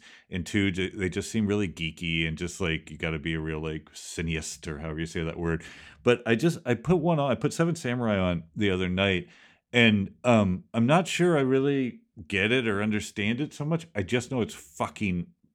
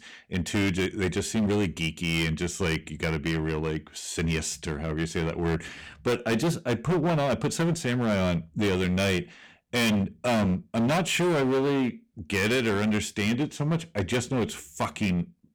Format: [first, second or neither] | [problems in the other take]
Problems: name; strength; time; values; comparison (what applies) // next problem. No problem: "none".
first | distortion; heavy; 16% of the sound clipped